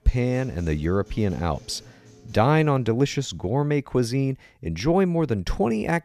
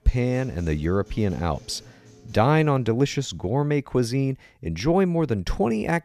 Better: neither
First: background music; faint; throughout; 25 dB below the speech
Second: background music; faint; throughout; 25 dB below the speech

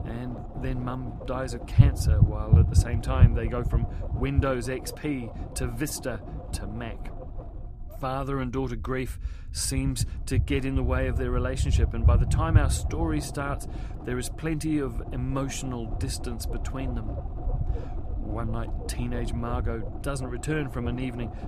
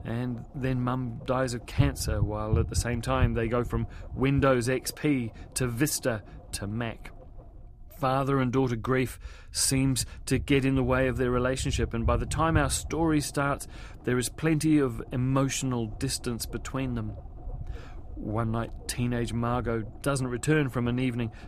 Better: second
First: low rumble; loud; throughout; 8 dB below the speech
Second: low rumble; faint; throughout; 20 dB below the speech

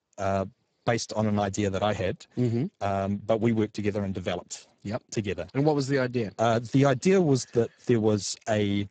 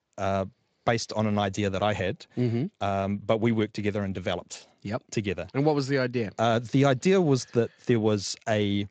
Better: second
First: garbled, watery; badly; nothing above 8 kHz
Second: garbled, watery; slightly; nothing above 7.5 kHz

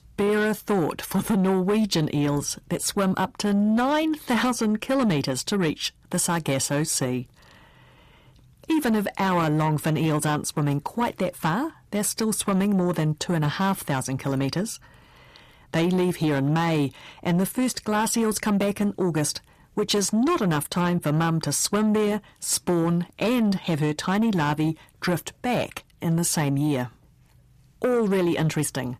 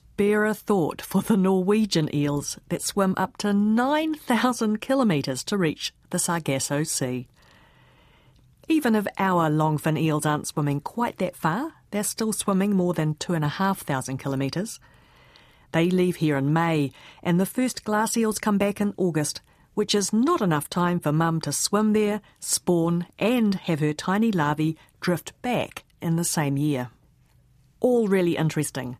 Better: second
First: distortion; slight; 10 dB below the speech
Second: none

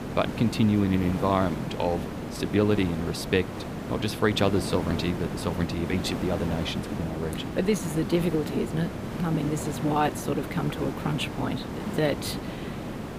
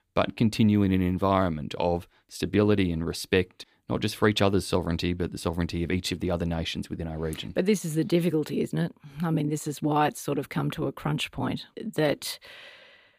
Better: second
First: hiss; loud; throughout; 6 dB below the speech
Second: none

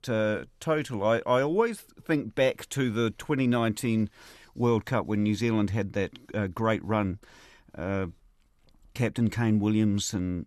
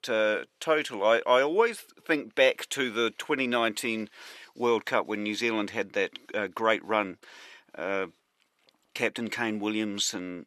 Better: first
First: none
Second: thin; somewhat; fading below 400 Hz

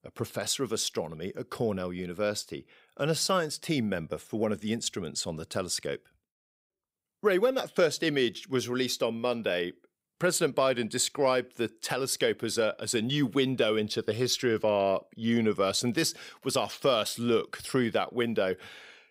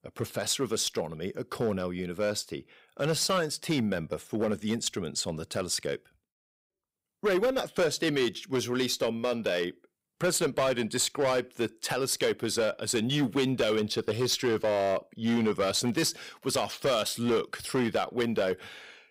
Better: first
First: none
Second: distortion; slight; 7% of the sound clipped

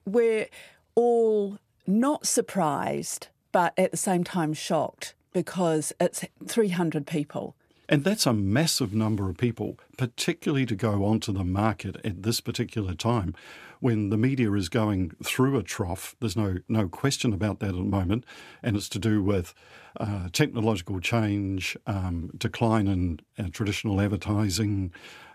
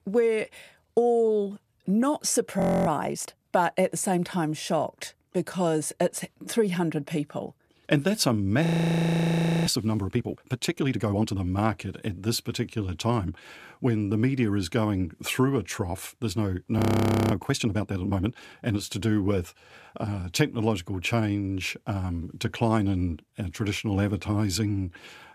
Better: first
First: none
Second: audio freezing; at 2.5 s, at 8.5 s for 1 s and at 17 s for 0.5 s

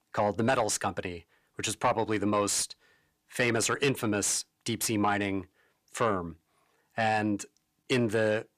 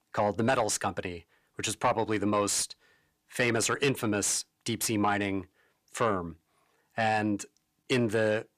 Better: neither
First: distortion; slight; 10 dB below the speech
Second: distortion; slight; 10 dB below the speech

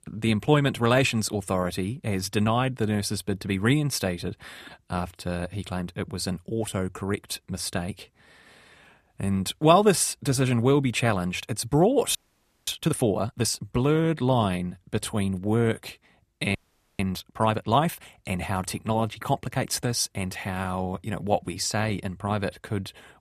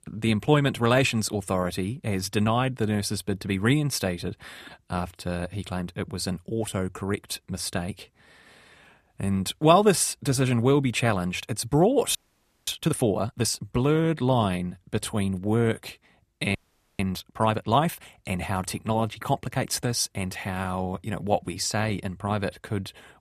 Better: neither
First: audio freezing; at 12 s for 0.5 s and at 17 s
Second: audio freezing; at 12 s for 0.5 s and at 17 s

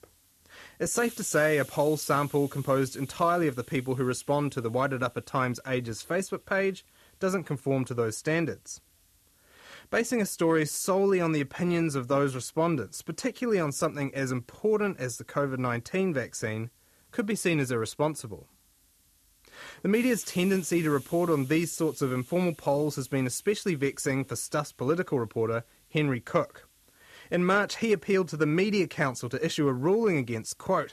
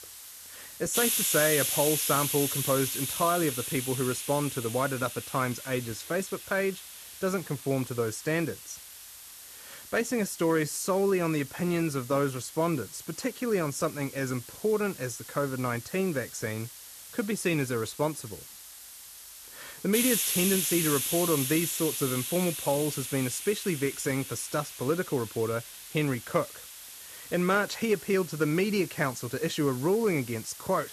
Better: first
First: hiss; faint; throughout; 25 dB below the speech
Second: hiss; loud; throughout; 5 dB below the speech

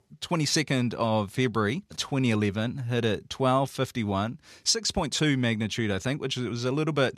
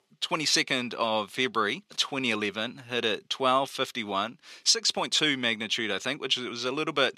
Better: first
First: none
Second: thin; somewhat; fading below 300 Hz

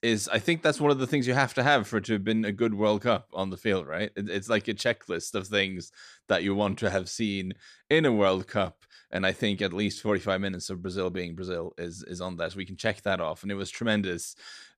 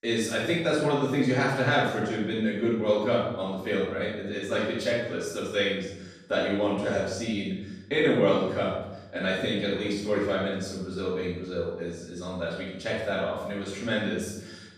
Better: first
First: none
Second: off-mic speech; far // room echo; strong; dies away in 0.8 s

